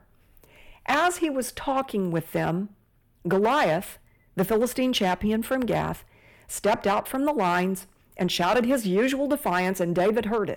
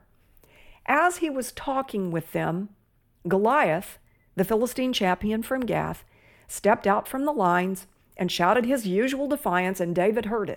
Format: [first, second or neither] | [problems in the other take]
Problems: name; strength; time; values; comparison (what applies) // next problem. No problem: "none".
second | distortion; slight; 4% of the sound clipped